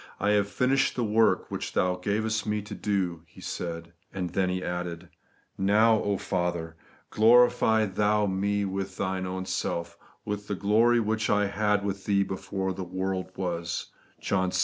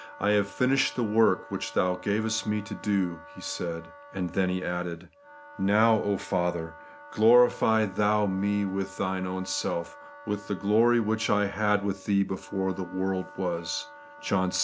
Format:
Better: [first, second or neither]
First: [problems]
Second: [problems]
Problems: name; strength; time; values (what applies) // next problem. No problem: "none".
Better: first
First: none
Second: background sound (Wind instrument, woodwind instrument); 19 dB below the speech